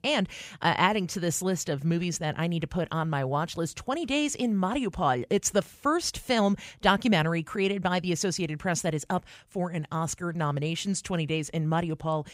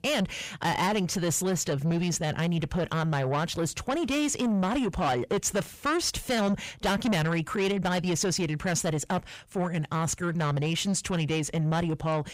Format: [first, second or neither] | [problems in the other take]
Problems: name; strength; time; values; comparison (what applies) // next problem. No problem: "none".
first | distortion; heavy; 7 dB below the speech